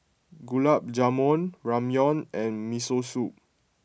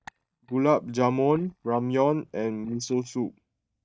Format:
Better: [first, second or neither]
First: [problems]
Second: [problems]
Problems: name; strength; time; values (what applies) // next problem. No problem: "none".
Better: first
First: none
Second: noise reduction (neural mask model DeepFilterNet 3)